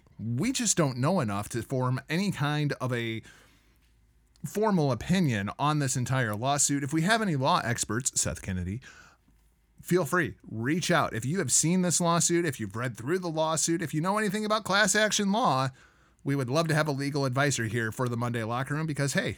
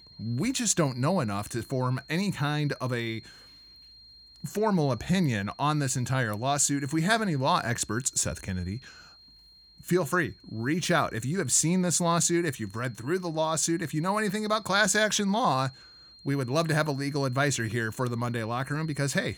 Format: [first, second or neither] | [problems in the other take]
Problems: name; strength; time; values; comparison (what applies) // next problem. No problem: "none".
first | high-pitched whine; faint; throughout; 4 kHz, 25 dB below the speech